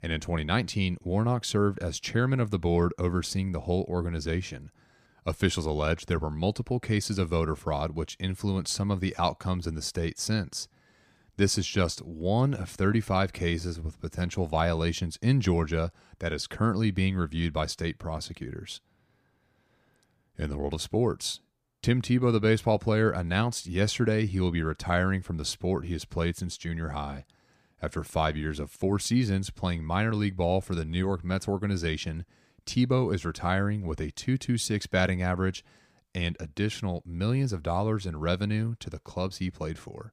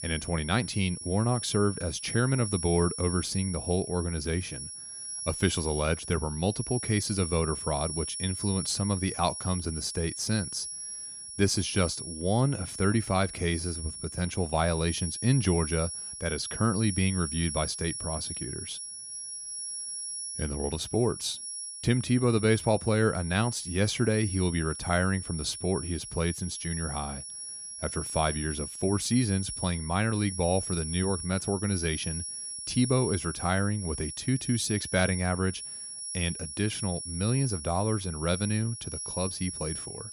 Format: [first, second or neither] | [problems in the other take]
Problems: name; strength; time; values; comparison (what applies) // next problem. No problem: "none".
first | high-pitched whine; loud; throughout; 10 kHz, 6 dB below the speech